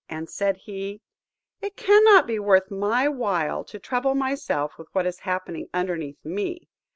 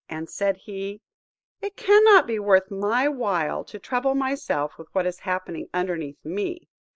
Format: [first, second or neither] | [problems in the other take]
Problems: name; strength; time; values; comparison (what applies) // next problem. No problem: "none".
first | noise reduction (neural mask model Resemble Enhance denoiser)